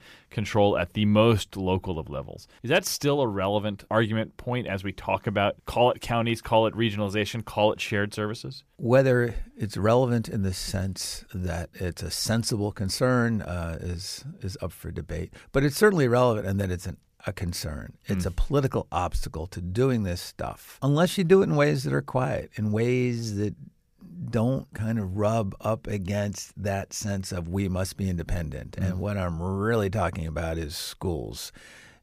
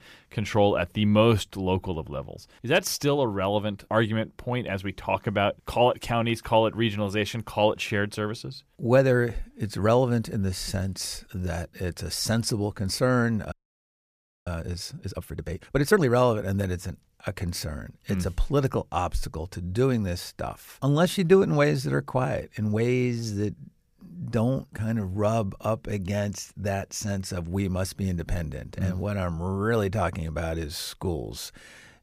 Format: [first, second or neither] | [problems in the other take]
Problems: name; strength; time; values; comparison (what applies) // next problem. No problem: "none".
first | audio freezing; at 14 s for 1 s